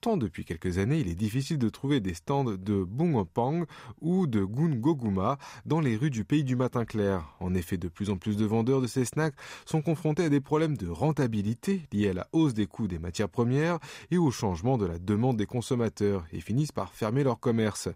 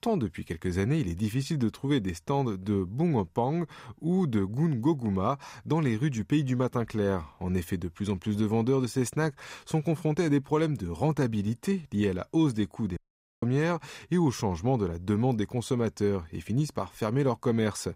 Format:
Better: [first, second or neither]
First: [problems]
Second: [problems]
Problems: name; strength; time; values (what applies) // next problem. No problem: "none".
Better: first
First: none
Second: audio cutting out; at 13 s